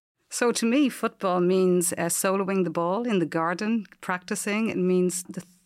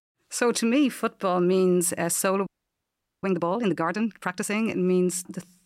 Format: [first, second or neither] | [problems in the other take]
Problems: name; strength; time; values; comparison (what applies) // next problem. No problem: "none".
first | audio freezing; at 2.5 s for 1 s